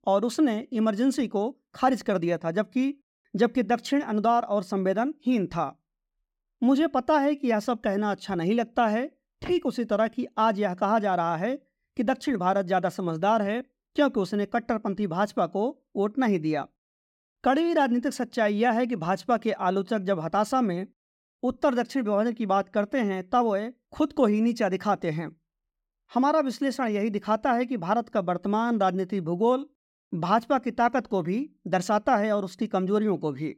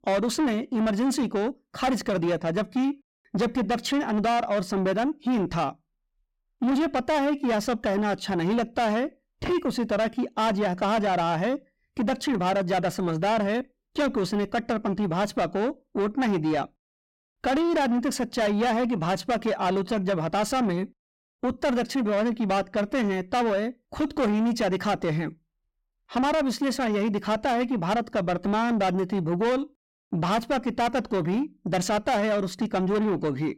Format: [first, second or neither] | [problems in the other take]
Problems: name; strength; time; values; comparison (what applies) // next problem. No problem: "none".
first | distortion; heavy; 7 dB below the speech